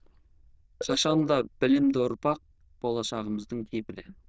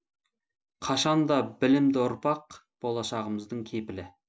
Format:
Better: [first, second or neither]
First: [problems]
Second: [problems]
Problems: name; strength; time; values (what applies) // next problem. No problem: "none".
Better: second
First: noise reduction (neural diffusion model UNIVERSE++)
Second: none